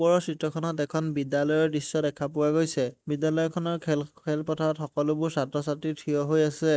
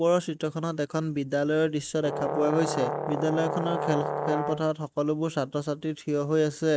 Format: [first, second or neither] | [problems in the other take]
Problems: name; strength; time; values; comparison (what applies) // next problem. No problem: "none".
first | background sound (Brass instrument); 4 dB below the speech